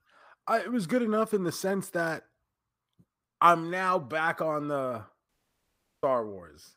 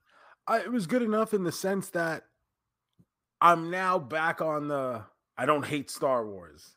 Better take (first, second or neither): second